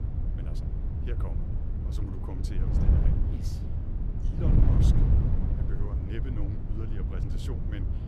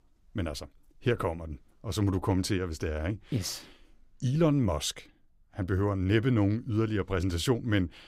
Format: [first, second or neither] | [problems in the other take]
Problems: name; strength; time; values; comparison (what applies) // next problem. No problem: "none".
second | wind noise on the microphone; heavy; 4 dB above the speech